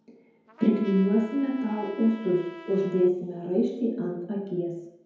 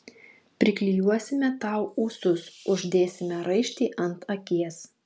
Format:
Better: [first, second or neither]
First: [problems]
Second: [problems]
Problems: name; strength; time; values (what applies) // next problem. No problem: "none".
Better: second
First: background sound (Trumpet); 19 dB below the speech // room echo; dies away in 0.9 s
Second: none